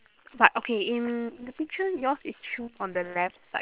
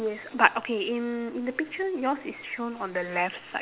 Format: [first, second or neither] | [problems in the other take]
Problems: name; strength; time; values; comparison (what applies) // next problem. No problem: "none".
second | noise reduction (neural separator model SepFormer WHAM!)